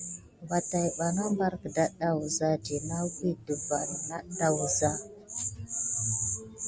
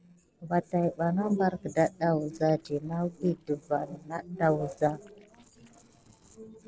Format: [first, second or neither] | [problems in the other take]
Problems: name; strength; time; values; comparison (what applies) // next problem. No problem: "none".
first | noise reduction (neural separator model SepFormer DNS4)